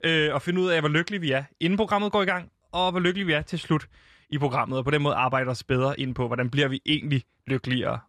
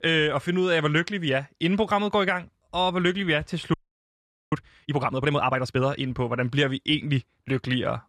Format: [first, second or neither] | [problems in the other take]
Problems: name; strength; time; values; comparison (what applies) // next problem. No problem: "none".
first | audio freezing; at 3.5 s for 1 s